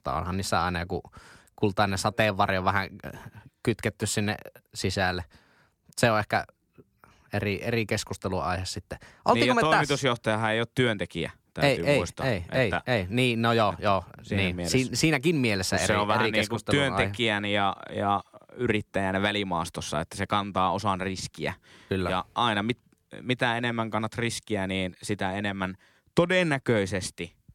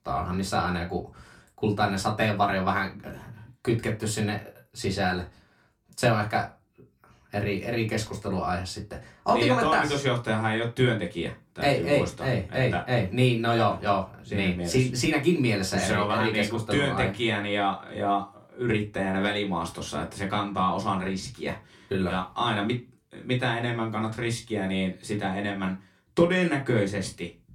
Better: first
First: none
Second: off-mic speech; far // room echo; very slight; dies away in 0.2 s

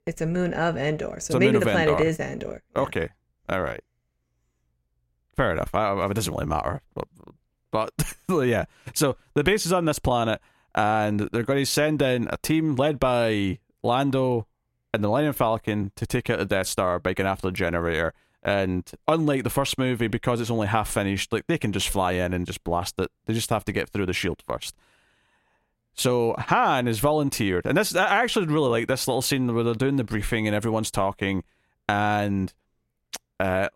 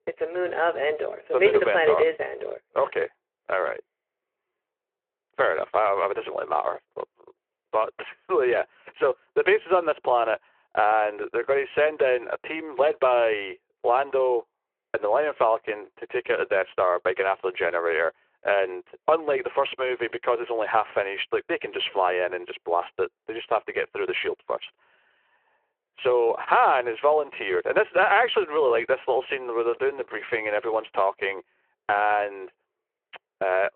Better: first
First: none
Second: phone-call audio

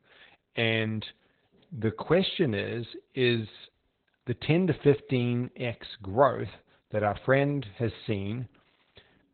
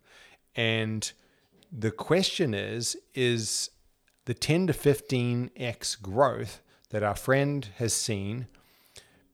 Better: second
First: garbled, watery; badly; nothing above 4 kHz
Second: none

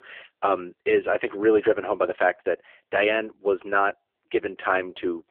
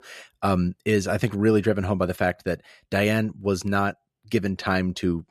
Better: second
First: phone-call audio; poor line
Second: none

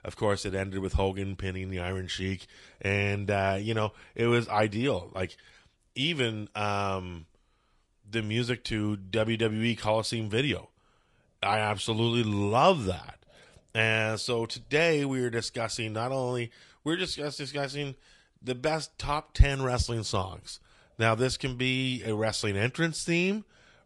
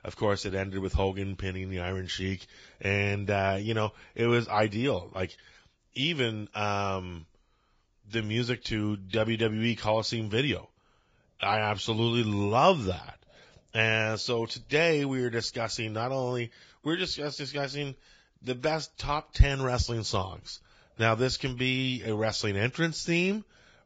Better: first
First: garbled, watery; slightly; nothing above 10.5 kHz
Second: garbled, watery; badly; nothing above 7.5 kHz

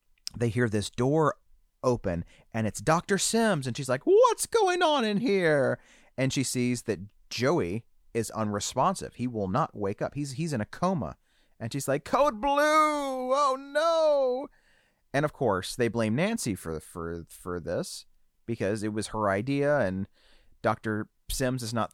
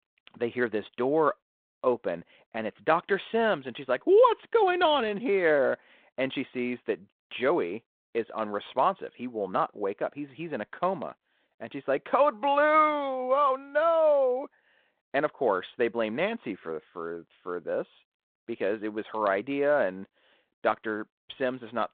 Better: first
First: none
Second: phone-call audio

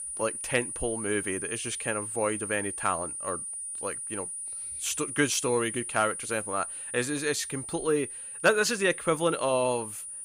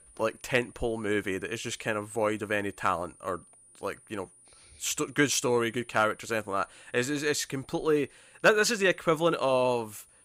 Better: second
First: high-pitched whine; loud; throughout; 9.5 kHz, 5 dB below the speech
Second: high-pitched whine; faint; throughout; 9.5 kHz, 25 dB below the speech

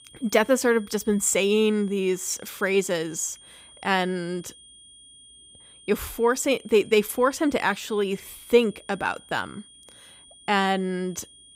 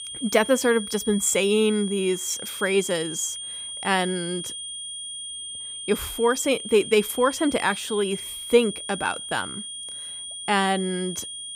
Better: first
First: high-pitched whine; faint; throughout; 3.5 kHz, 25 dB below the speech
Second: high-pitched whine; loud; throughout; 3.5 kHz, 8 dB below the speech

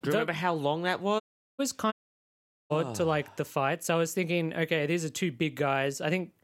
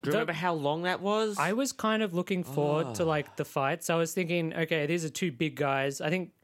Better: second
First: audio cutting out; at 1 s and at 2 s for 1 s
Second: none

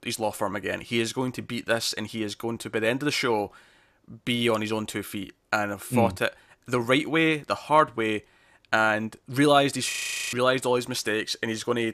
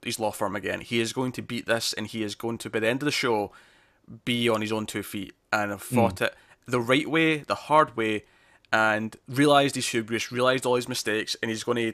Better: second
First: audio freezing; at 10 s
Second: none

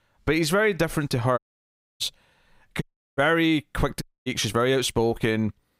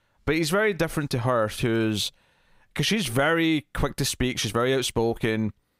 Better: second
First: audio cutting out; at 1.5 s for 0.5 s, at 3 s and at 4 s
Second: none

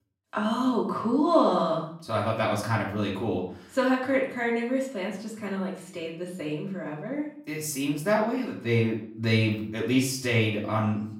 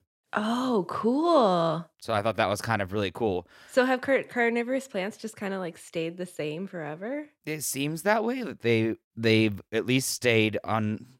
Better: second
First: off-mic speech; far // room echo; slight; dies away in 0.5 s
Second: none

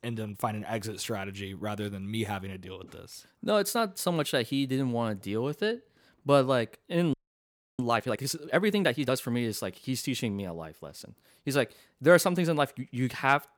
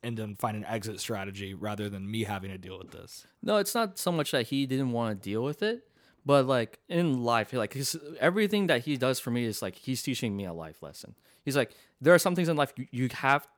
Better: second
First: audio freezing; at 7 s for 0.5 s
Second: none

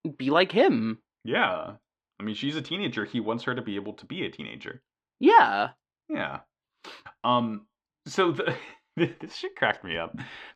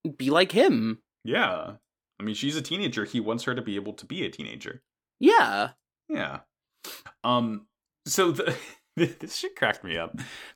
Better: second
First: muffled; slightly; fading above 3 kHz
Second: none

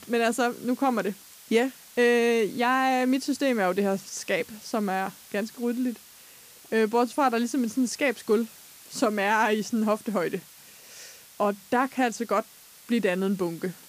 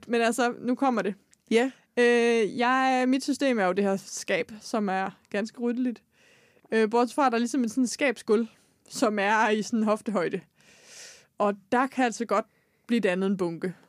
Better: second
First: hiss; faint; throughout; 20 dB below the speech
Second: none

